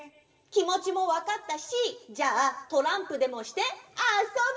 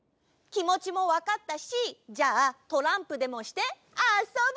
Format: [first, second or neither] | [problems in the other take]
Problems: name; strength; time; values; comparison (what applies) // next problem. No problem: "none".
second | room echo; dies away in 0.8 s